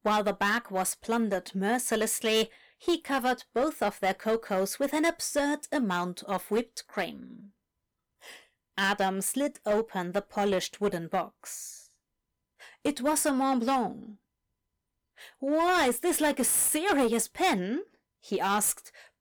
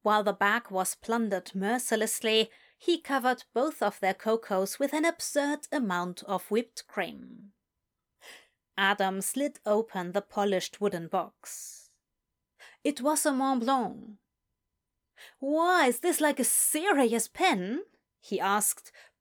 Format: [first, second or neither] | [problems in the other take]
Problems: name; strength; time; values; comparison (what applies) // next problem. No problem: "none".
second | distortion; slight; 5% of the sound clipped